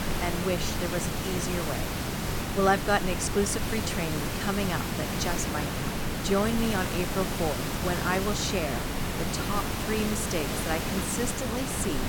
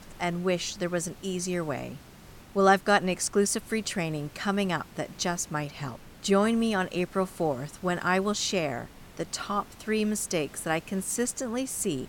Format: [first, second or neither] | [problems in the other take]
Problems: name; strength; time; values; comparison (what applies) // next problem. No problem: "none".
second | hiss; loud; throughout; as loud as the speech; faint in the second